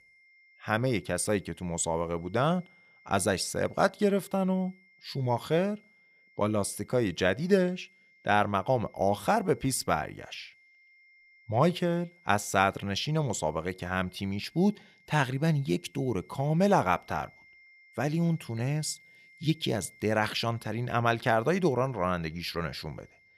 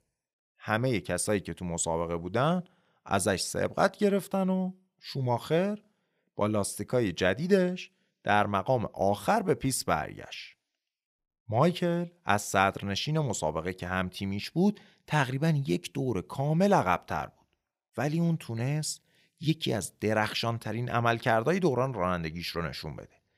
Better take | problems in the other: second | high-pitched whine; faint; throughout; 2 kHz, 30 dB below the speech

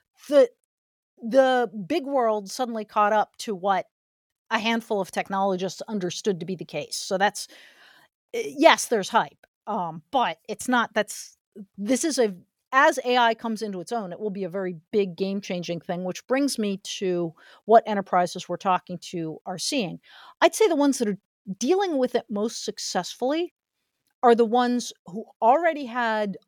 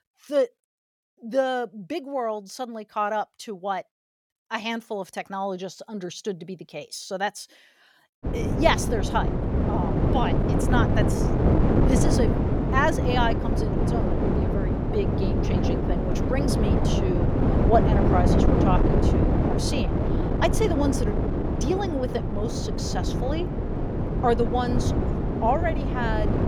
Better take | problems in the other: first | wind noise on the microphone; heavy; from 8.5 s on; 2 dB below the speech

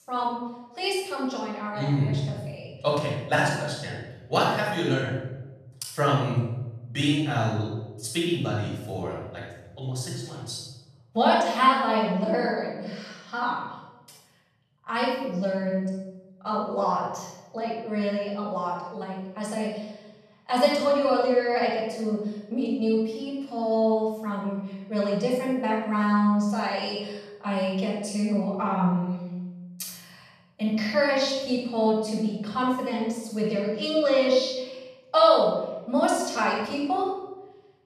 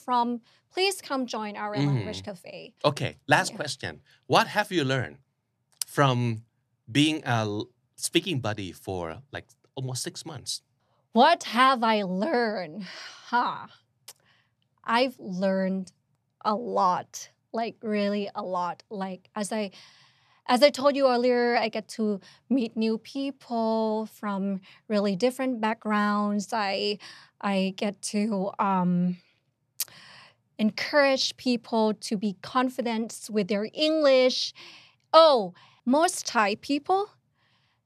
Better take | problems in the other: second | off-mic speech; far // room echo; strong; dies away in 1 s

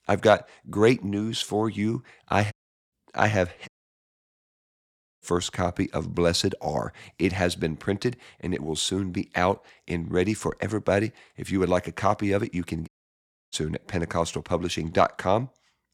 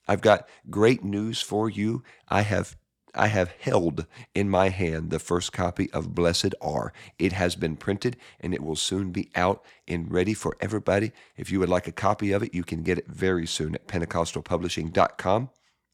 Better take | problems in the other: second | audio cutting out; at 2.5 s, at 3.5 s for 1.5 s and at 13 s for 0.5 s

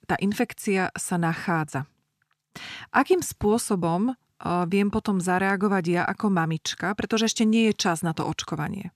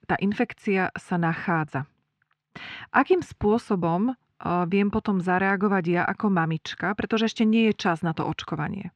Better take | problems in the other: first | muffled; slightly; fading above 2.5 kHz

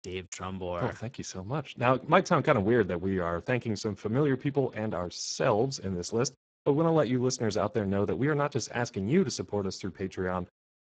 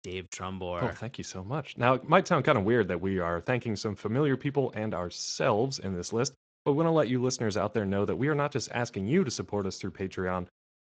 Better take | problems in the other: second | garbled, watery; badly; slightly in the second

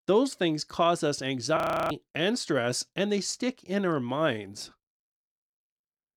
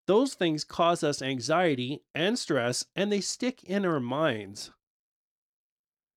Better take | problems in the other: second | audio freezing; at 1.5 s

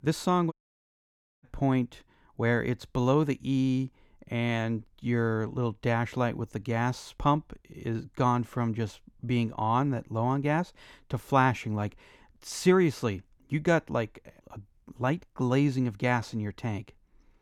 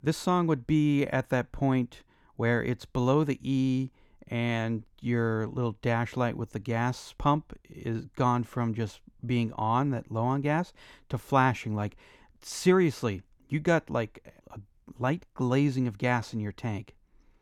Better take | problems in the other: second | audio cutting out; at 0.5 s for 1 s

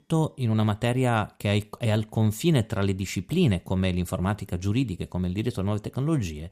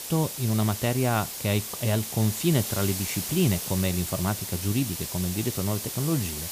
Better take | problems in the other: first | hiss; loud; throughout; 4 dB below the speech

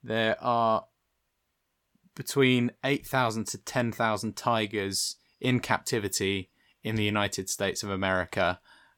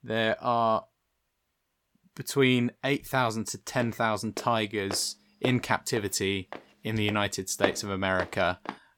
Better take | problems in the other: first | footsteps; noticeable; from 4 s on; peak 3 dB below the speech

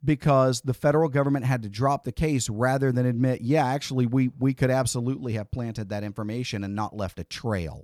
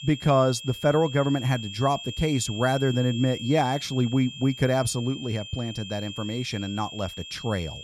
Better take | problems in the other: first | high-pitched whine; noticeable; throughout; 3 kHz, 10 dB below the speech

